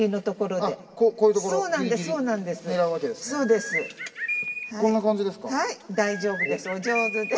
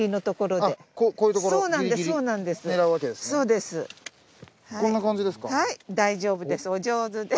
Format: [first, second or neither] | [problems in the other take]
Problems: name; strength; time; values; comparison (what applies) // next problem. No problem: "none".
second | background sound (Bird); 6 dB below the speech // room echo; dies away in 1.7 s